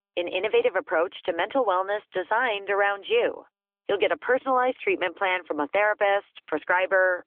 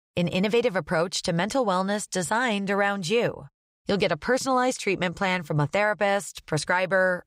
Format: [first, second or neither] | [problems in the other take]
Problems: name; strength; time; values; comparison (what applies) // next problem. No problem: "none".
second | phone-call audio; nothing above 3.5 kHz